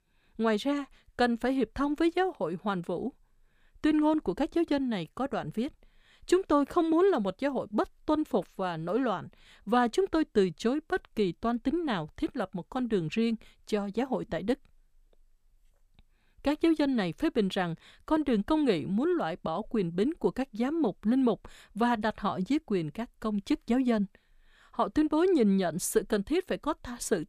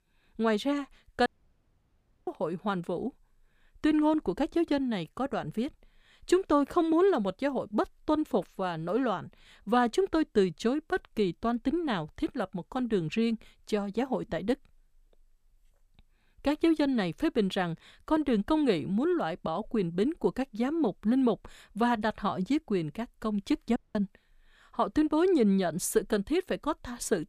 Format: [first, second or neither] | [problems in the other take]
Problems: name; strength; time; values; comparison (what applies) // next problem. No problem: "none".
first | audio cutting out; at 1.5 s for 1 s and at 24 s